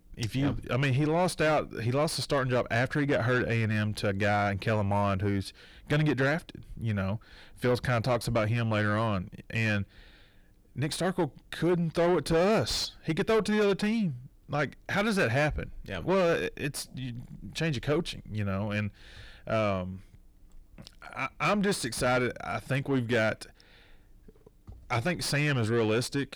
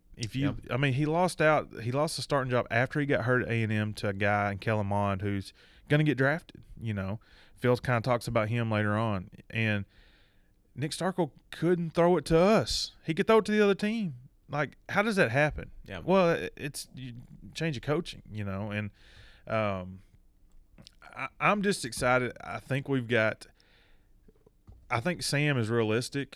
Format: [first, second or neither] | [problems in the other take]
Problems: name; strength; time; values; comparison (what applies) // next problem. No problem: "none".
second | distortion; heavy; 7 dB below the speech